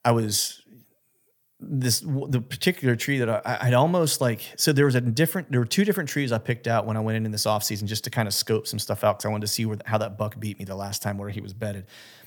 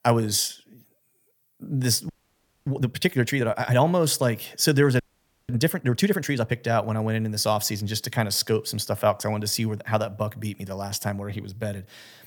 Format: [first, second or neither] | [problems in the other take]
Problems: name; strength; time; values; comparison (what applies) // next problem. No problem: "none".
first | audio freezing; at 2 s for 0.5 s and at 5 s for 0.5 s